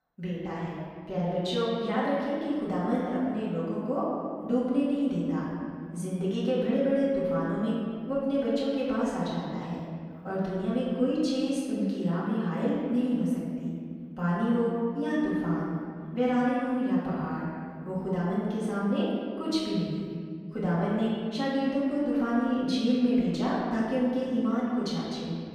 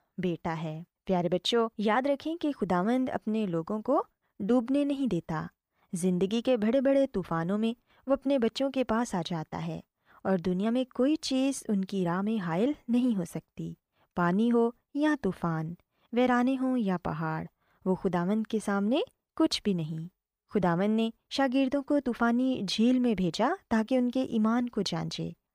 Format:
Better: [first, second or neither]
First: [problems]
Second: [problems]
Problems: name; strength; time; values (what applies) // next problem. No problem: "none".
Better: second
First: room echo; strong; dies away in 2.1 s // off-mic speech; far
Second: none